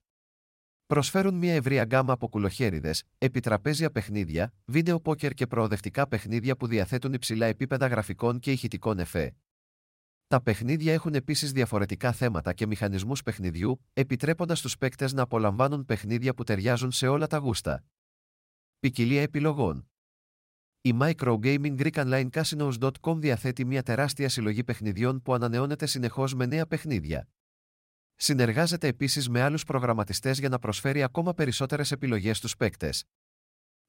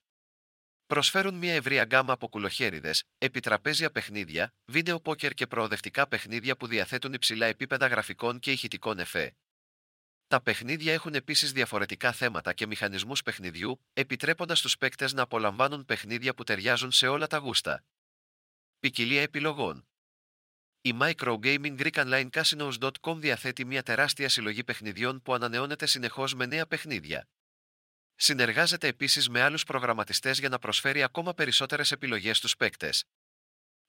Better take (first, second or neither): first